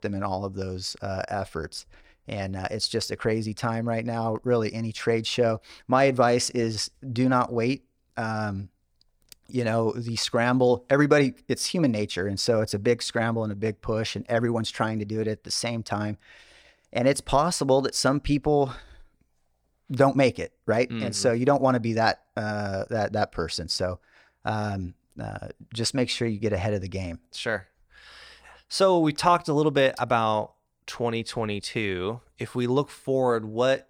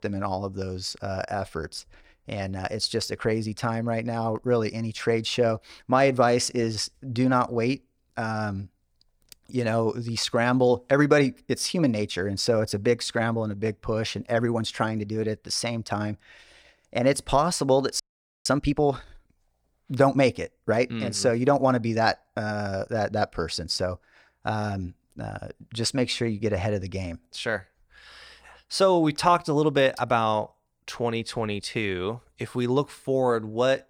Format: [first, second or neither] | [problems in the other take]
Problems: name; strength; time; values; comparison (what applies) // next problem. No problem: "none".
first | audio freezing; at 18 s